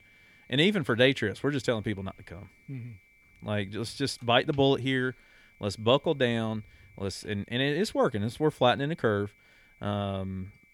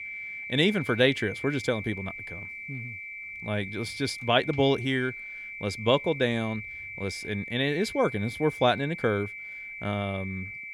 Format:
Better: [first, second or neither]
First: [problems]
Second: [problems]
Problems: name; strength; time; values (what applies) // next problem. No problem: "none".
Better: first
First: high-pitched whine; faint; throughout; 2.5 kHz, 30 dB below the speech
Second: high-pitched whine; loud; throughout; 2.5 kHz, 9 dB below the speech